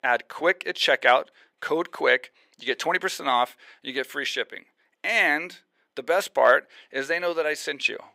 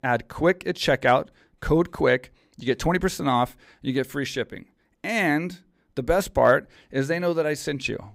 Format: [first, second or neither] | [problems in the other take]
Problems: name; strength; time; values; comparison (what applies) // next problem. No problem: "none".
second | thin; somewhat; fading below 500 Hz